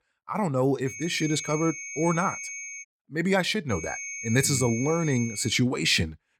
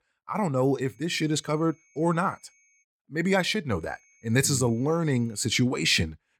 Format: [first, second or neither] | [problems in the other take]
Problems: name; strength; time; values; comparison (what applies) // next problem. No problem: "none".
second | high-pitched whine; loud; from 1 to 3 s and from 3.5 to 5.5 s; 2 kHz, 9 dB below the speech; faint in the second